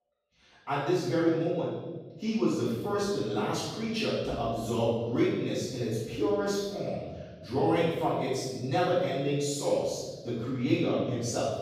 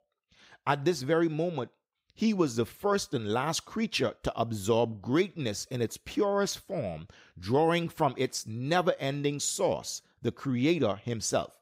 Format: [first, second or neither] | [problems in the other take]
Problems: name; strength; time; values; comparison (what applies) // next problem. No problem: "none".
second | off-mic speech; far // room echo; strong; dies away in 1.3 s